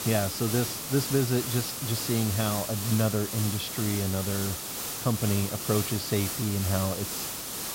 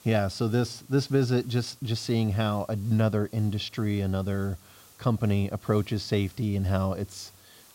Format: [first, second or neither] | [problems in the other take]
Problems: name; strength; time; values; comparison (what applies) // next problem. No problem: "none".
second | hiss; loud; throughout; 2 dB below the speech; faint in the second